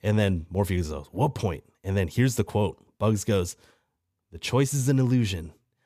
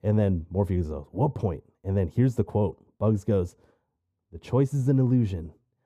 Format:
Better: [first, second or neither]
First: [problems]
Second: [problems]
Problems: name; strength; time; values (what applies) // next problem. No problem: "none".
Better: first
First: none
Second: muffled; very; fading above 1.5 kHz